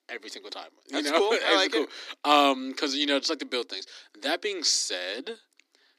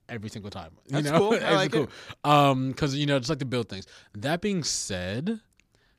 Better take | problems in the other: second | thin; very slightly; fading below 250 Hz

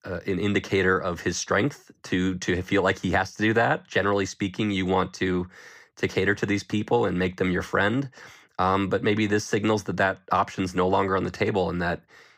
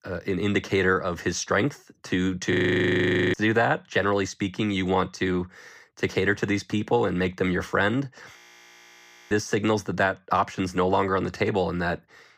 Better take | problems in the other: first | audio freezing; at 2.5 s for 1 s and at 8.5 s for 1 s

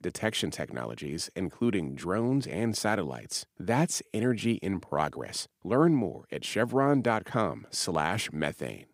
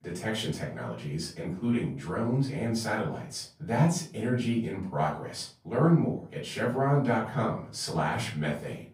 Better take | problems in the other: first | room echo; slight; dies away in 0.4 s // off-mic speech; far

